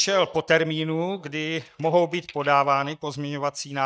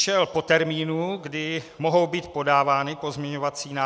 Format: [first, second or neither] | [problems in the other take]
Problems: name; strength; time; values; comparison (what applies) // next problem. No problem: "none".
second | noise reduction (neural mask model DeepFilterNet 3)